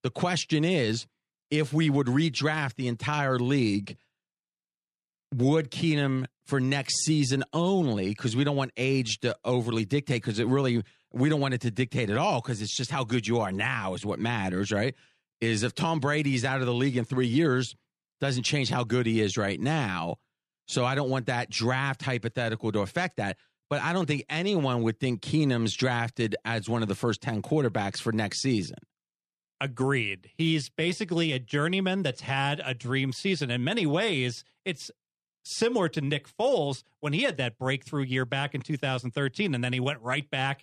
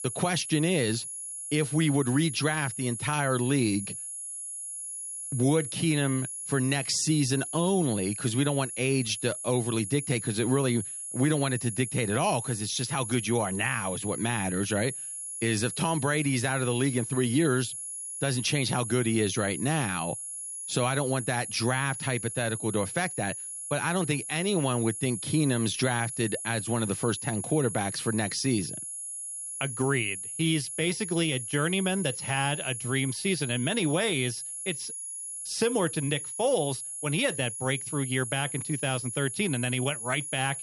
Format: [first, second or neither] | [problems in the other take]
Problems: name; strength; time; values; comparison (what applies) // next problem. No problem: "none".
first | high-pitched whine; loud; throughout; 10.5 kHz, 6 dB below the speech